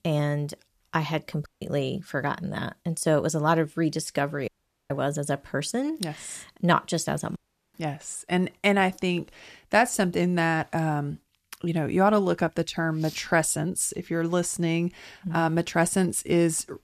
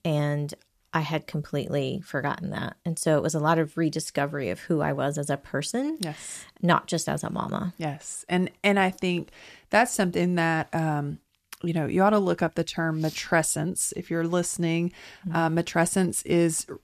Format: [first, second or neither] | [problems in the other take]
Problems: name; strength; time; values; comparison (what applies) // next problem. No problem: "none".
second | audio cutting out; at 1.5 s, at 4.5 s and at 7.5 s